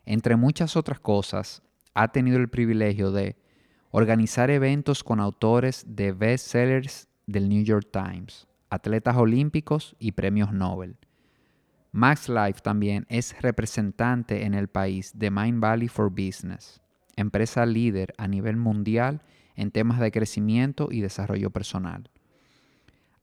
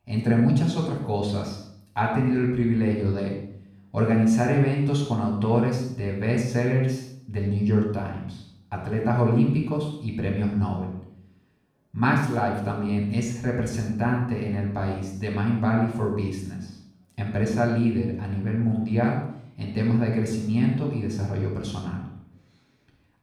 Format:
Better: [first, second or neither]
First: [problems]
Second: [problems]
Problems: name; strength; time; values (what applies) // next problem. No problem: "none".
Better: first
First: none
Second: room echo; noticeable; dies away in 0.6 s // off-mic speech; far